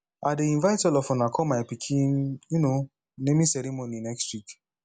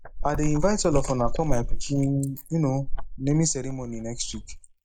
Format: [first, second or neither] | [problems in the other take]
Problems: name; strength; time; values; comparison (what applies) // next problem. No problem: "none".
first | noise reduction (neural mask model Resemble Enhance denoiser)